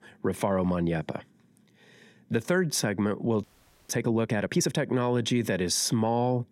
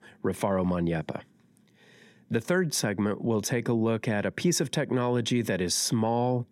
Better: second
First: audio freezing; at 3.5 s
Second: none

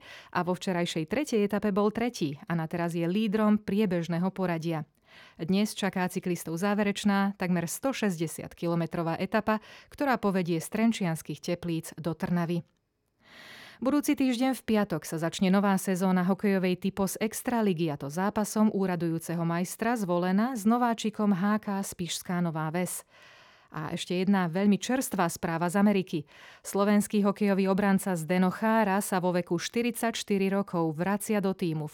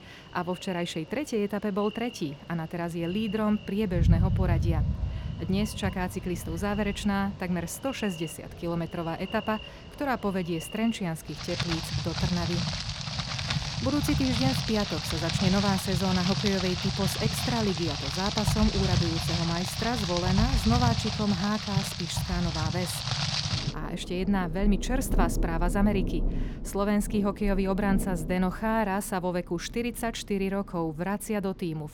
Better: first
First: none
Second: rain or running water; loud; throughout; 1 dB below the speech

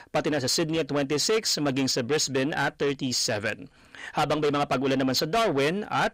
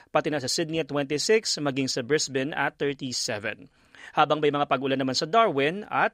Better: second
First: distortion; heavy; 7 dB below the speech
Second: none

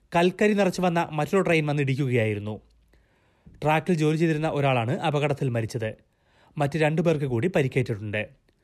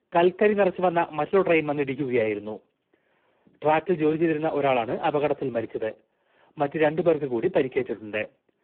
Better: first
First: none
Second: phone-call audio; poor line

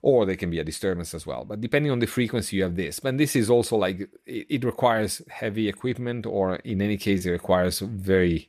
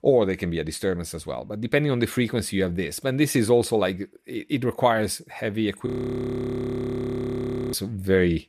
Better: first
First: none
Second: audio freezing; at 6 s for 2 s

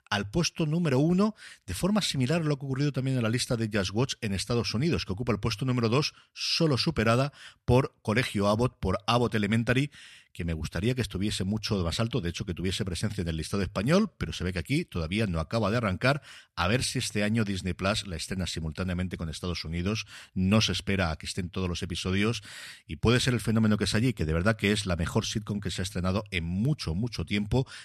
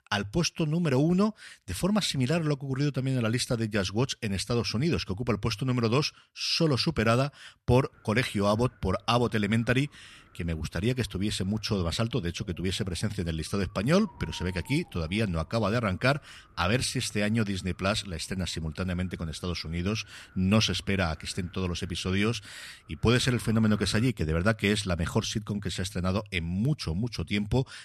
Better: first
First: none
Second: wind noise on the microphone; occasional gusts; from 8 to 24 s; 25 dB below the speech

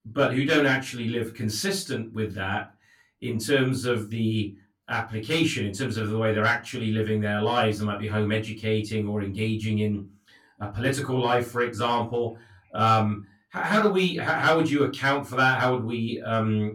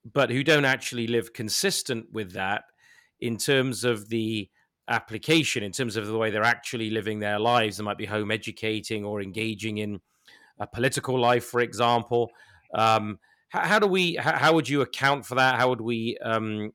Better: second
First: off-mic speech; far // room echo; very slight; dies away in 0.2 s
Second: none

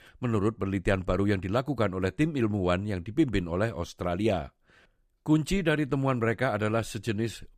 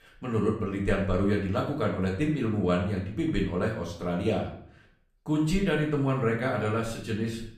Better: first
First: none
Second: room echo; slight; dies away in 0.5 s // off-mic speech; far

